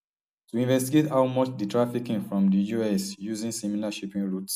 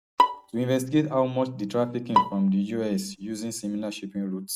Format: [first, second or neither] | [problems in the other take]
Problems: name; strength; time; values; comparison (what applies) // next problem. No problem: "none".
first | noise reduction (neural mask model RNNoise)